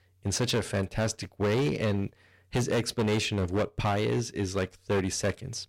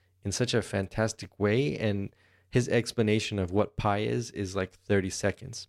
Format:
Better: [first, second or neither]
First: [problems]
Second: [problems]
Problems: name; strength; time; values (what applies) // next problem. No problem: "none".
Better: second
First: distortion; heavy; 12% of the sound clipped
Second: none